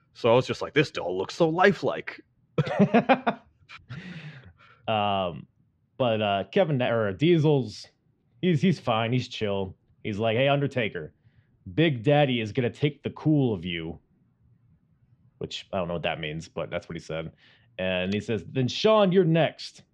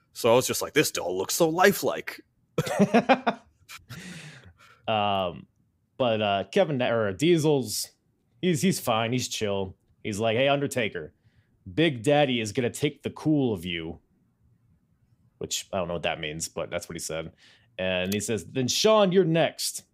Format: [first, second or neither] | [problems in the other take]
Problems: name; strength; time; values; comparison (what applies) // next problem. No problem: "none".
second | muffled; slightly; fading above 3.5 kHz